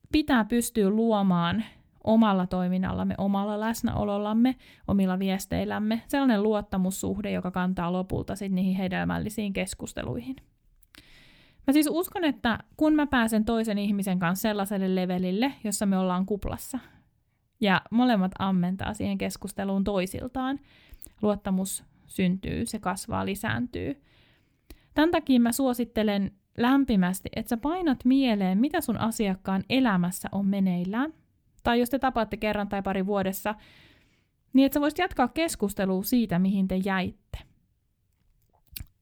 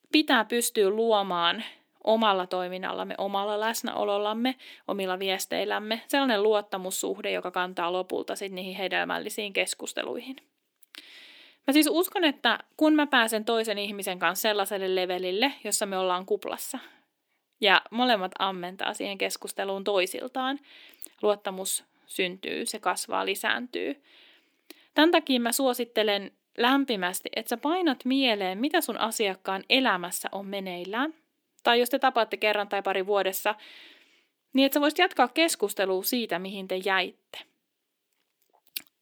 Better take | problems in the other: first | thin; somewhat; fading below 350 Hz

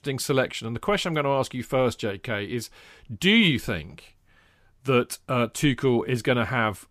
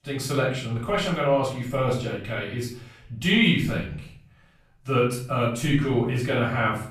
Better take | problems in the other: first | off-mic speech; far // room echo; noticeable; dies away in 0.5 s

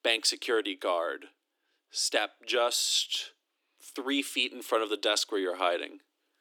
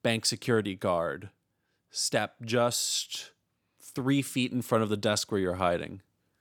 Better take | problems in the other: second | thin; somewhat; fading below 300 Hz

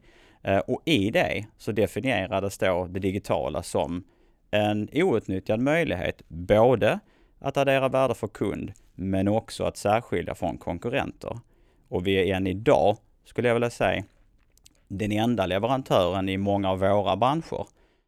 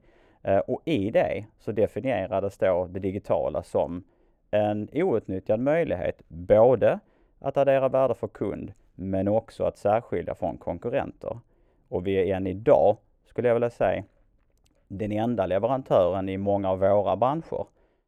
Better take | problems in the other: first | muffled; very; fading above 2.5 kHz

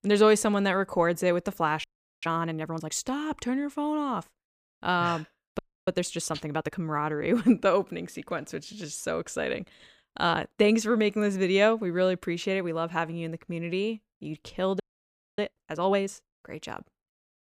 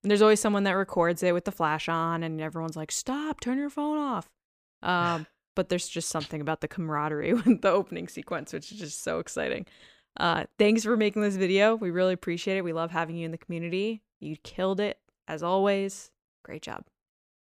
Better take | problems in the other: second | audio freezing; at 2 s, at 5.5 s and at 15 s for 0.5 s

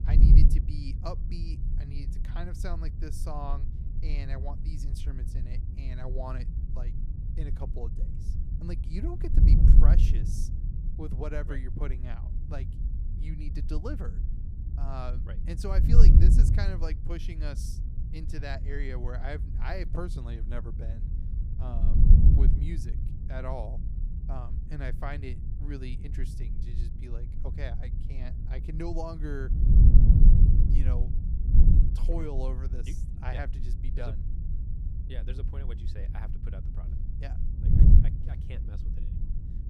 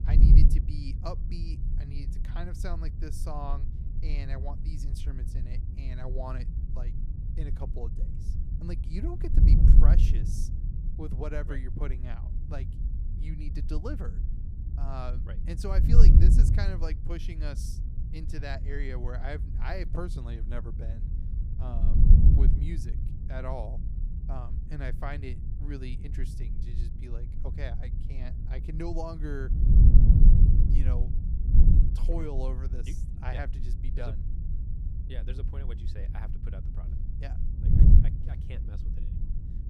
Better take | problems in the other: neither | wind noise on the microphone; heavy; 2 dB below the speech; the same in both

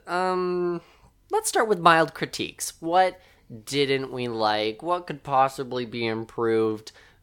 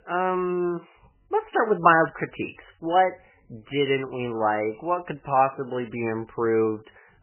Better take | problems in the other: first | garbled, watery; badly; nothing above 3 kHz

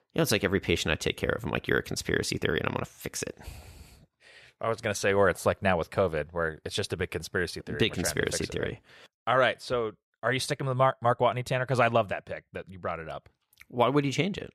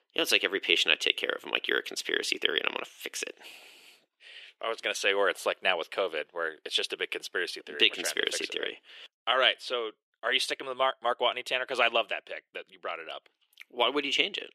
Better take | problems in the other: first | thin; somewhat; fading below 350 Hz

